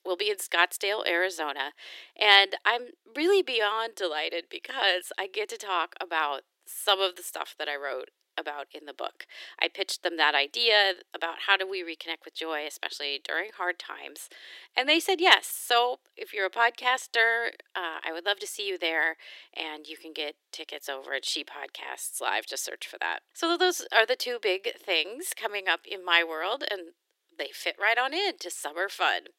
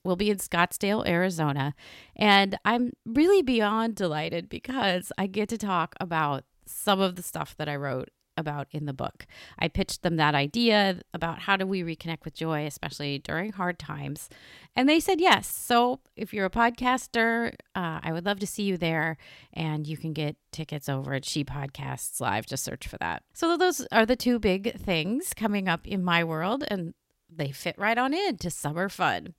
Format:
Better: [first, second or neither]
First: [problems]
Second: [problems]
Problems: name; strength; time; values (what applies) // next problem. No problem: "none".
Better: second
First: thin; very; fading below 350 Hz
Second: none